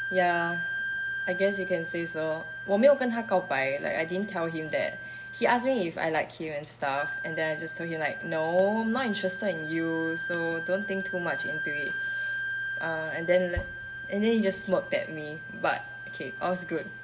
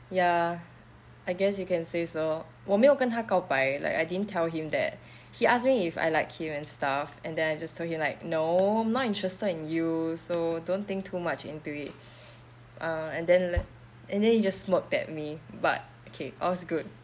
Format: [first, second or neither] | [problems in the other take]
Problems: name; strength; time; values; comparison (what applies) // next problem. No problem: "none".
second | background sound (Wind instrument, woodwind instrument); 7 dB below the speech // room echo; dies away in 0.7 s